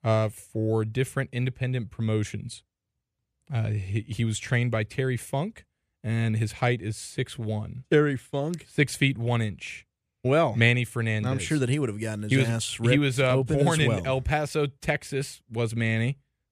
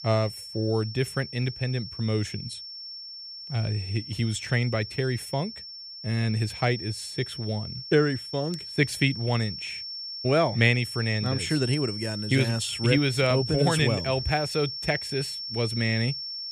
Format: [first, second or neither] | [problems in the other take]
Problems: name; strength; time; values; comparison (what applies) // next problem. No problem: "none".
first | high-pitched whine; loud; throughout; 5.5 kHz, 8 dB below the speech